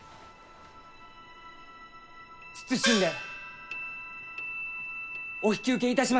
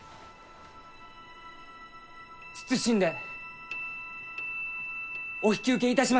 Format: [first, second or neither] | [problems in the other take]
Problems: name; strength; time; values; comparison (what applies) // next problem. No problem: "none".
second | background sound (Gong); 2 dB below the speech